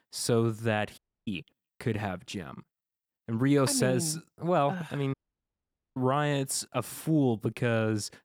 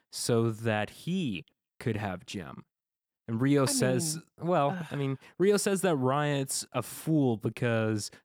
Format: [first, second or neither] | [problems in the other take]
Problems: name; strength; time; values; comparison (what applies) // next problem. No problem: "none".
second | audio cutting out; at 1 s and at 5 s for 1 s